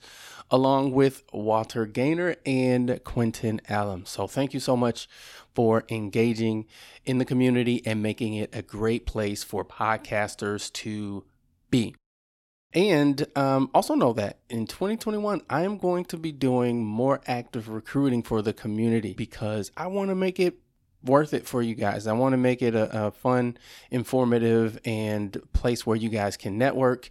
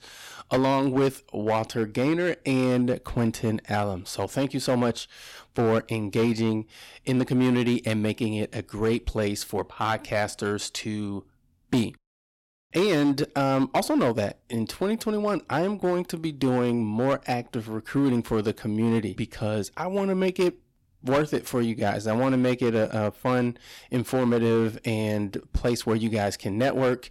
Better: first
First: none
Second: distortion; slight; 7% of the sound clipped

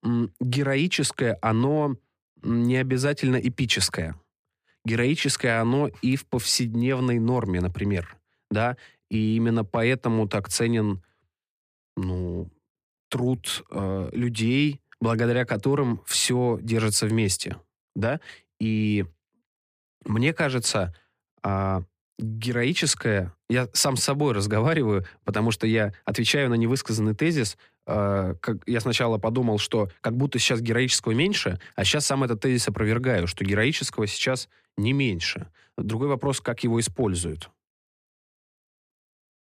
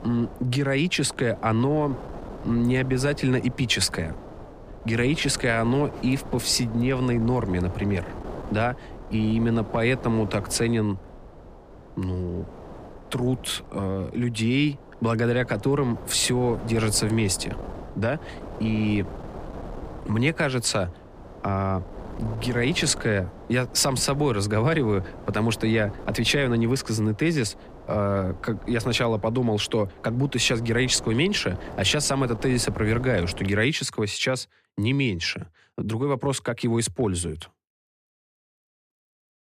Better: first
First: none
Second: wind noise on the microphone; occasional gusts; until 33 s; 15 dB below the speech

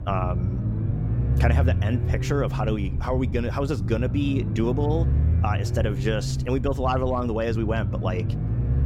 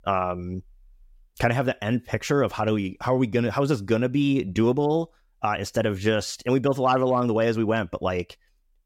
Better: second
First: low rumble; loud; throughout; 9 dB below the speech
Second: none

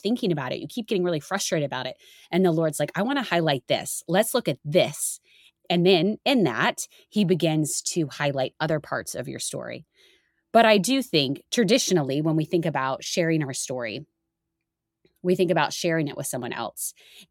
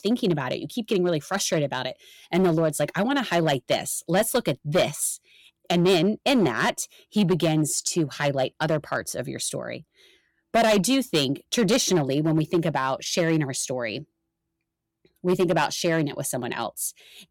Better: first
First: none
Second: distortion; slight; 4% of the sound clipped

